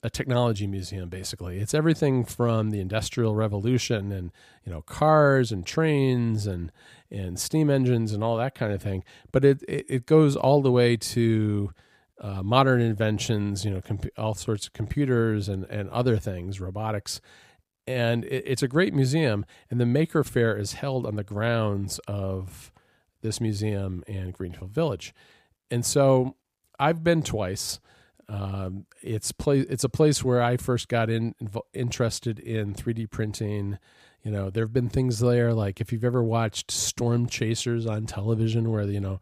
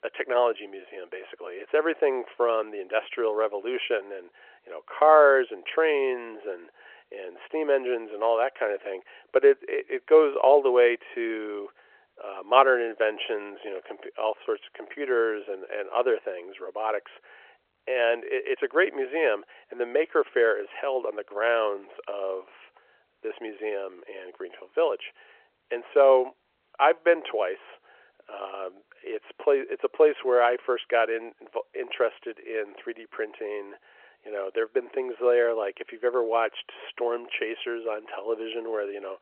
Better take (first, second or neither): first